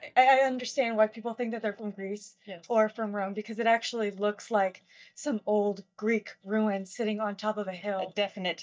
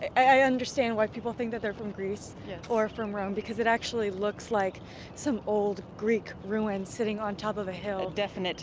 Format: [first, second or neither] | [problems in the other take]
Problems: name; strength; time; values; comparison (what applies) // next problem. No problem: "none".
second | noise reduction (neural mask model DeepFilterNet 3)